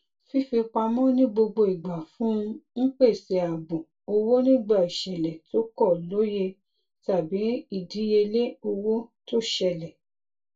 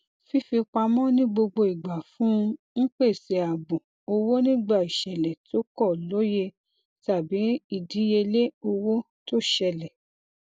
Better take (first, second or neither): second